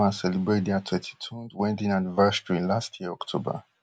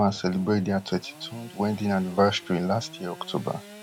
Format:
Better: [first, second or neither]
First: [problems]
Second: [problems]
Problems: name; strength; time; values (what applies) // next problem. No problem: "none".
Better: first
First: none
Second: background sound (Sawing / Engine); 20 dB below the speech